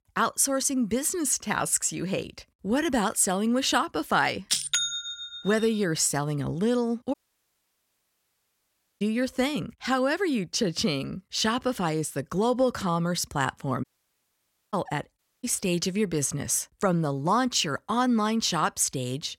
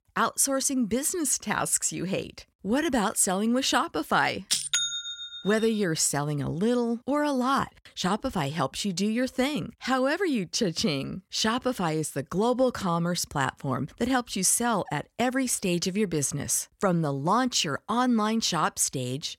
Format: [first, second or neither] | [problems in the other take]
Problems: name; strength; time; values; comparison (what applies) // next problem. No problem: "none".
second | audio cutting out; at 7 s for 2 s, at 14 s for 1 s and at 15 s